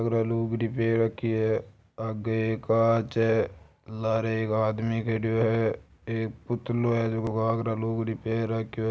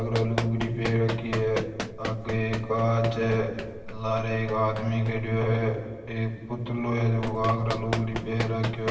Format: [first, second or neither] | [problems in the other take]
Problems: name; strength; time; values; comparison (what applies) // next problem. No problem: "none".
first | background sound (Run); 10 dB below the speech // room echo; dies away in 1.3 s